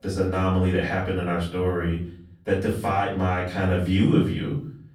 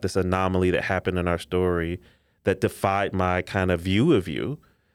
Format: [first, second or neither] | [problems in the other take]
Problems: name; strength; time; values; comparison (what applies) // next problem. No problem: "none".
second | off-mic speech; far // room echo; noticeable; dies away in 0.6 s